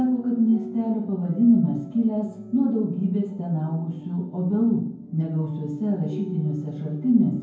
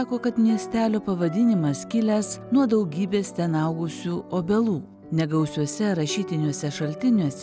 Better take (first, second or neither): second